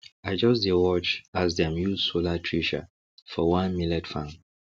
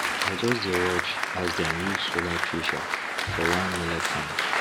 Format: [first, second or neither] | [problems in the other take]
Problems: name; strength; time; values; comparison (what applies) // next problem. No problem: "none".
first | background sound (Applause); 2 dB above the speech